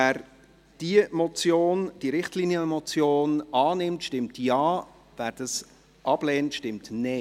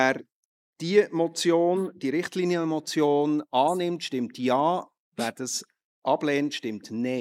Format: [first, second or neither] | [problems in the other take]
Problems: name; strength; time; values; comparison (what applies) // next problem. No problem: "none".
first | noise reduction (neural mask model Resemble Enhance denoiser)